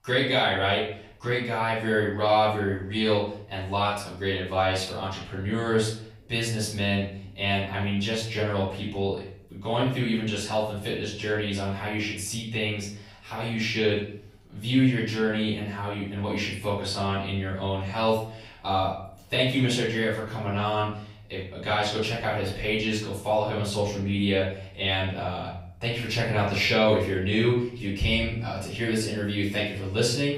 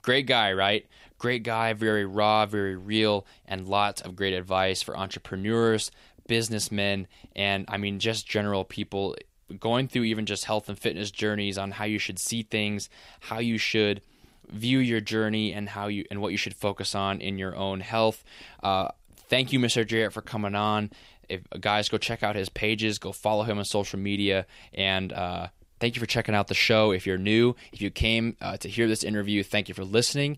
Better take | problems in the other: second | room echo; noticeable; dies away in 0.6 s // off-mic speech; far

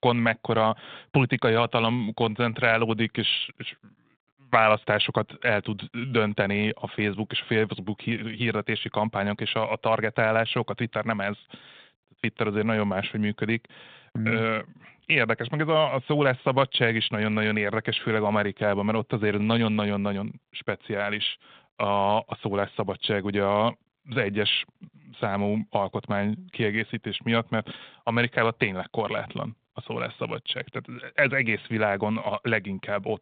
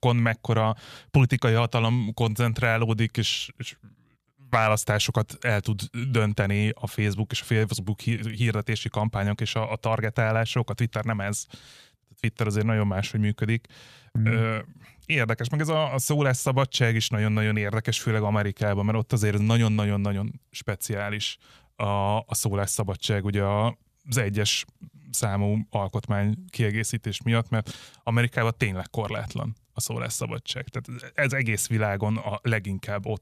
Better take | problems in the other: second | phone-call audio; nothing above 3.5 kHz

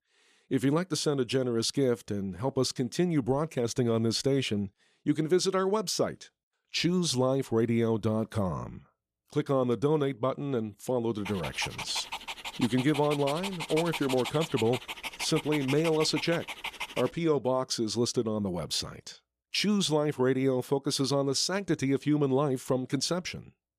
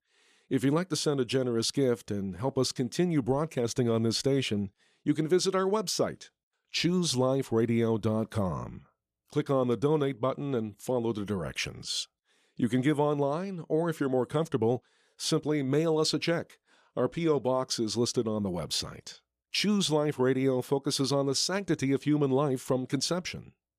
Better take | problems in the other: second | dog barking; noticeable; from 11 to 17 s; peak 6 dB below the speech

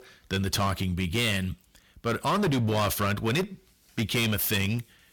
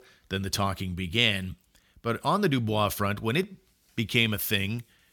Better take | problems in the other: second | distortion; heavy; 14% of the sound clipped

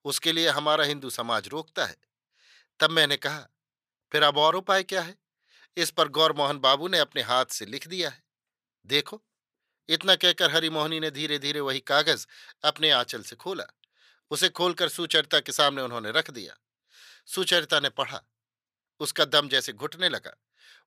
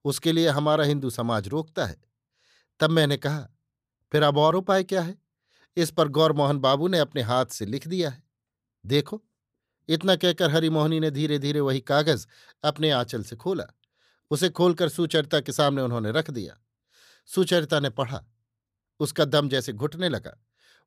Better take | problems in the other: second | thin; somewhat; fading below 950 Hz

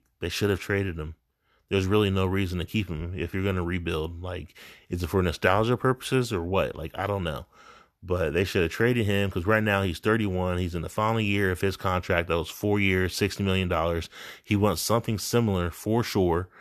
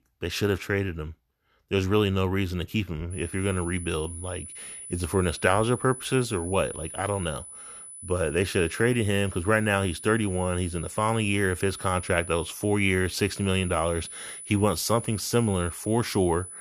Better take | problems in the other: first | high-pitched whine; noticeable; from 3 s on; 10 kHz, 10 dB below the speech

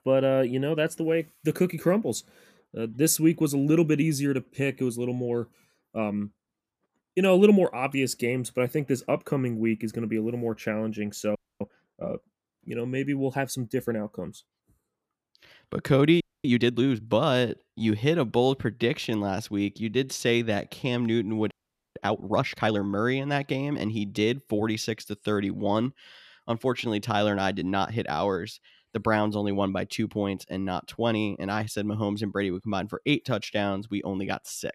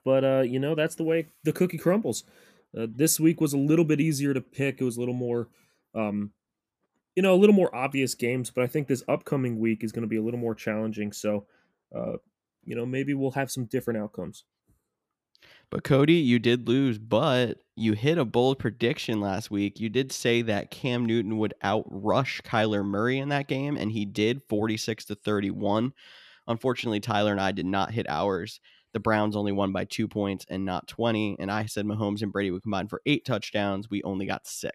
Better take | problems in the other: second | audio freezing; at 11 s, at 16 s and at 22 s

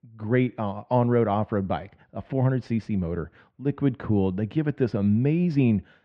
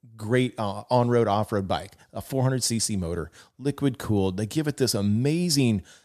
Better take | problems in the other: second | muffled; very; fading above 2.5 kHz

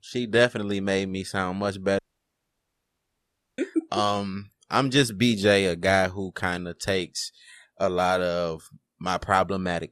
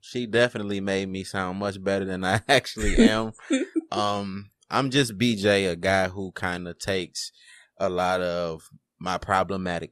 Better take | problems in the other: second | audio cutting out; at 2 s for 1.5 s

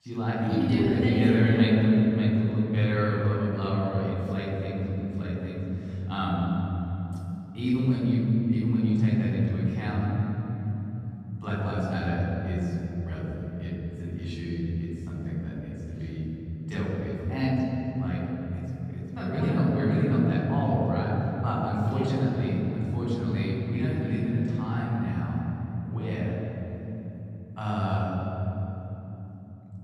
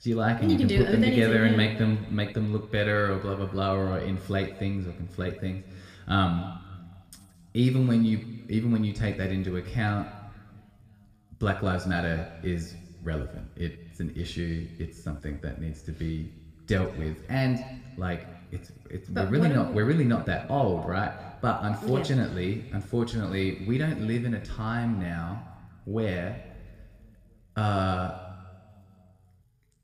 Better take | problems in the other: second | room echo; strong; dies away in 3 s; slight in the second // off-mic speech; far

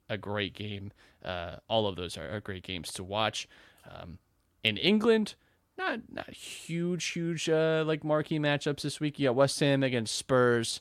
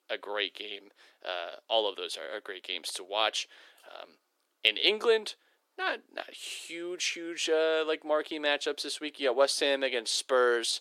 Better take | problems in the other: first | thin; very; fading below 350 Hz

